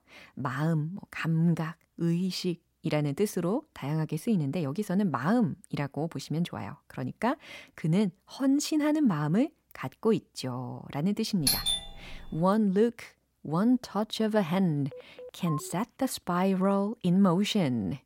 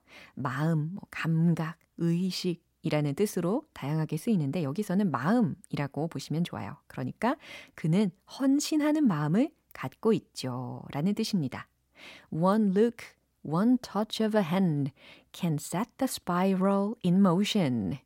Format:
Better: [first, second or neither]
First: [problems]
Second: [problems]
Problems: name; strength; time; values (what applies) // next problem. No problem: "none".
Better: second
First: doorbell; loud; at 11 s; peak 4 dB above the speech // phone ringing; faint; at 15 s; peak 10 dB below the speech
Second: none